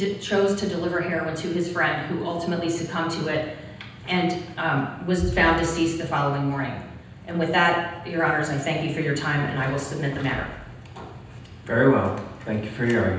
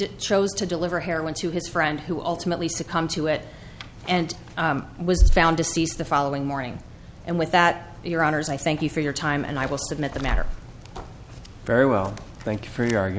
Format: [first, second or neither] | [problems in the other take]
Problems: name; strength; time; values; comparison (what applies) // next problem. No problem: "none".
second | room echo; dies away in 0.9 s